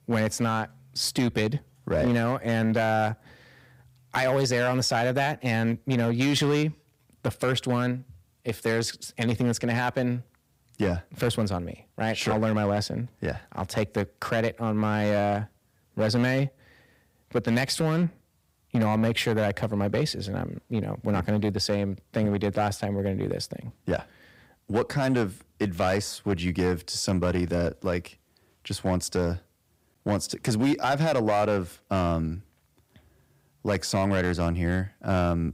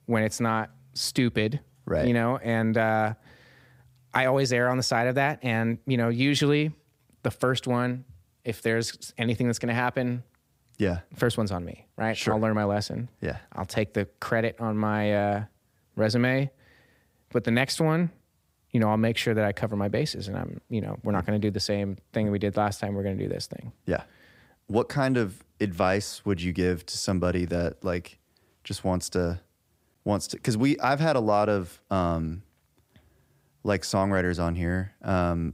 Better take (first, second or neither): second